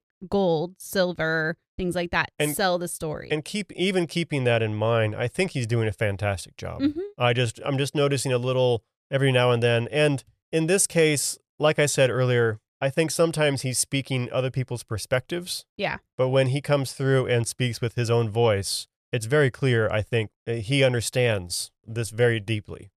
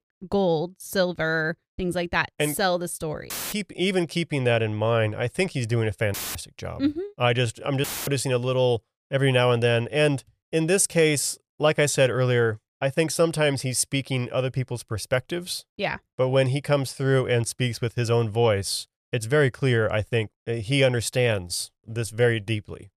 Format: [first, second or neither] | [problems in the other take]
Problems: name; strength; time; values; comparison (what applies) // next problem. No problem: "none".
first | audio cutting out; filled with static; at 3.5 s, at 6 s and at 8 s